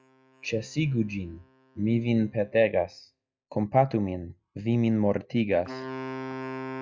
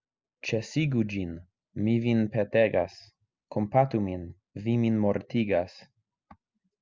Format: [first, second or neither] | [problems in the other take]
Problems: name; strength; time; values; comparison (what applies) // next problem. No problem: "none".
second | noise reduction (classical method log-MMSE)